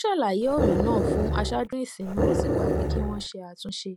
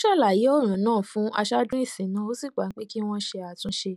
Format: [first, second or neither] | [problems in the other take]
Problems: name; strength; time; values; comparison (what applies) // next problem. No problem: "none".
second | background sound (Growling); 4 dB above the speech